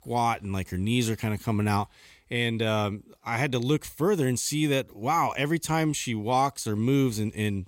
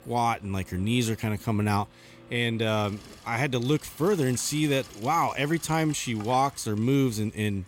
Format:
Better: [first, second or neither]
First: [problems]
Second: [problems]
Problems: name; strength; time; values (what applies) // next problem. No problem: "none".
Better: first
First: none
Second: household noises; faint; throughout; 20 dB below the speech